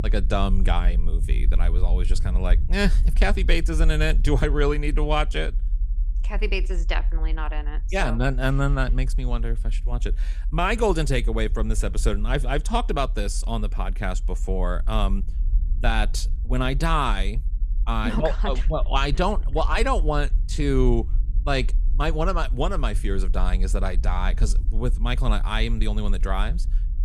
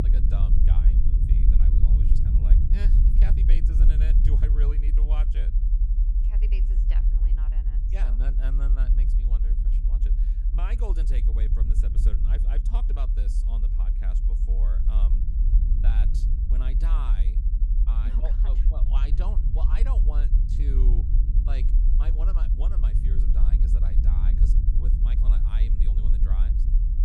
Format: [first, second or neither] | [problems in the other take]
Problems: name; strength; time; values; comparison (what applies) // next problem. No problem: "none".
first | low rumble; loud; throughout; as loud as the speech; faint in the first